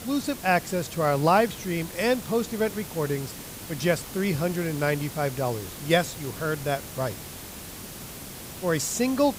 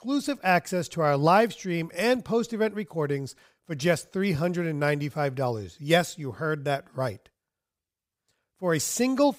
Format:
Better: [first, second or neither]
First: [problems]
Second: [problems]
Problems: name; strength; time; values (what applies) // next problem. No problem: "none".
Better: second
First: hiss; noticeable; throughout; 10 dB below the speech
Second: none